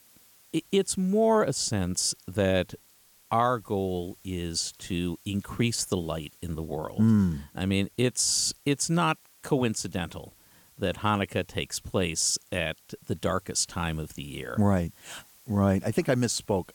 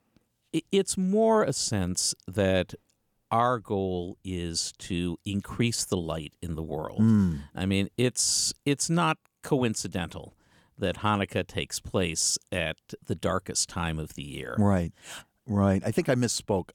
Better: second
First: hiss; faint; throughout; 25 dB below the speech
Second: none

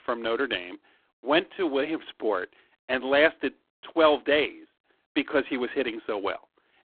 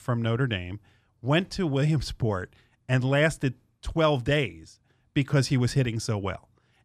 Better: second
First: phone-call audio; poor line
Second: none

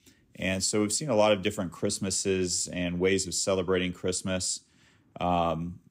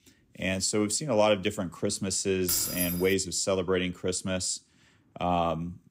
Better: first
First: none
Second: jangling keys; noticeable; at 2.5 s; peak level with the speech

